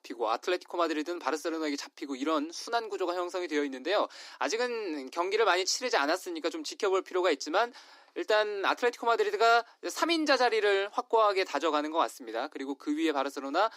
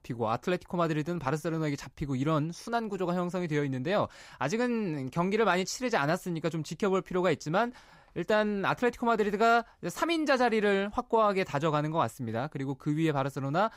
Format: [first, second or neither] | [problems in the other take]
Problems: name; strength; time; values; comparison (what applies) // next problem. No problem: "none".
second | thin; somewhat; fading below 300 Hz